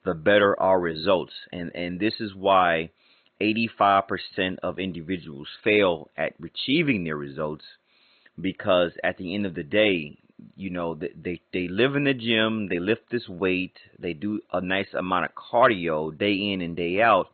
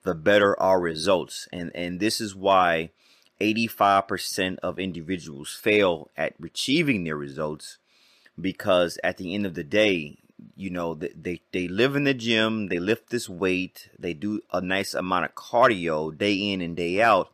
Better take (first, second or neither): second